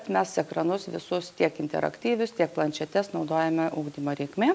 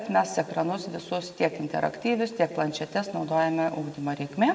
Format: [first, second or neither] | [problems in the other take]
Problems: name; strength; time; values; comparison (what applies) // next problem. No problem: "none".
first | room echo; dies away in 1.1 s